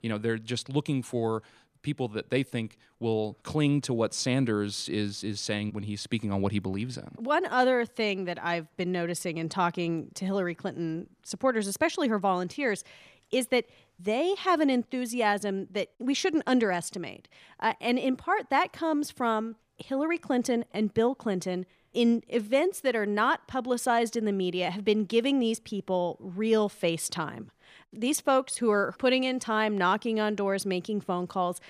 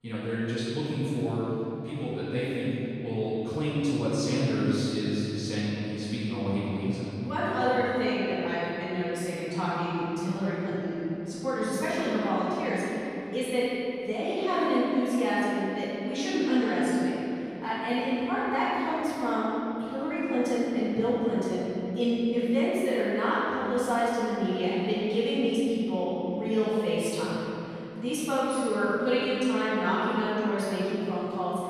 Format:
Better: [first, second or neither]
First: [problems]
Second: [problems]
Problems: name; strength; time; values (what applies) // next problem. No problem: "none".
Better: first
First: none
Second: off-mic speech; far // room echo; strong; dies away in 3 s